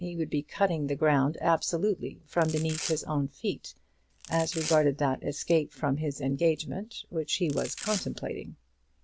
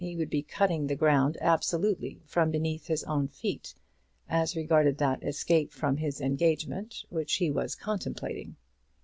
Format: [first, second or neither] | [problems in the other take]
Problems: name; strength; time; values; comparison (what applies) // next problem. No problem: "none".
second | background sound (Domestic sounds, home sounds); 11 dB below the speech